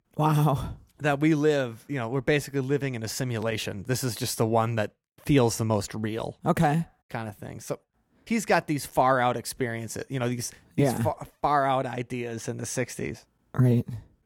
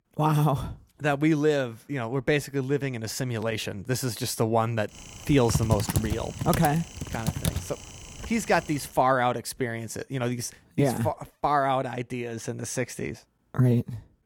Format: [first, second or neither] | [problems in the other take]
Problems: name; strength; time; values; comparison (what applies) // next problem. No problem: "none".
first | keyboard typing; noticeable; from 5.5 to 8.5 s; peak 1 dB below the speech